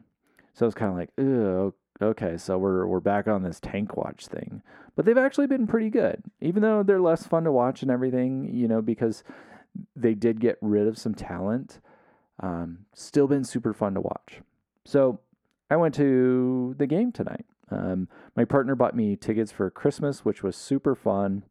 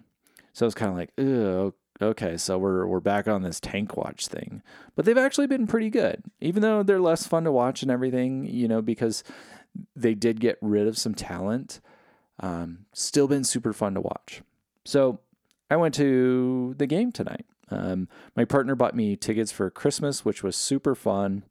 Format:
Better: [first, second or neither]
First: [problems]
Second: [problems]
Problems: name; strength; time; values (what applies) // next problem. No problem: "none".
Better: second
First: muffled; slightly; fading above 2.5 kHz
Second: none